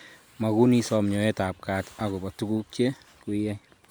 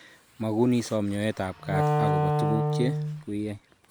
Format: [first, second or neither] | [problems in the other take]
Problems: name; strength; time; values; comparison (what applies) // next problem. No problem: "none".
first | background sound (Wind instrument, woodwind instrument); 3 dB above the speech